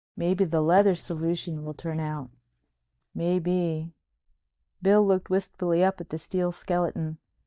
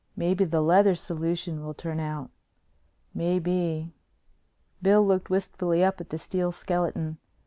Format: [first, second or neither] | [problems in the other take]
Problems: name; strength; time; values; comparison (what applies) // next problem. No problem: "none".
second | noise reduction (neural mask model DeepFilterNet 3)